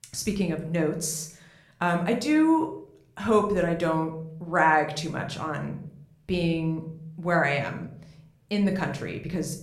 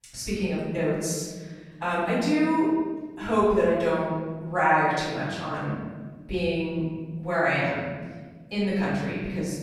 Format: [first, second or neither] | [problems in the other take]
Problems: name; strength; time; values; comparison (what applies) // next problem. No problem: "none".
first | room echo; strong; dies away in 1.5 s; slight in the first // off-mic speech; far